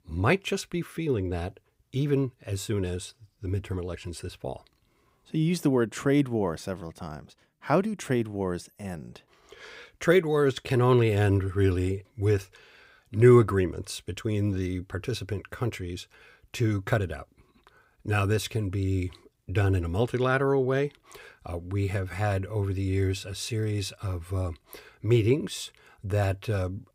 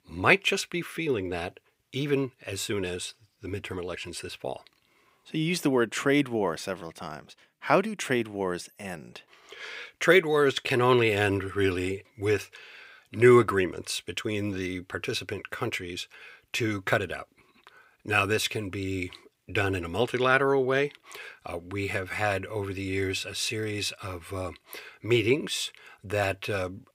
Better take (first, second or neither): first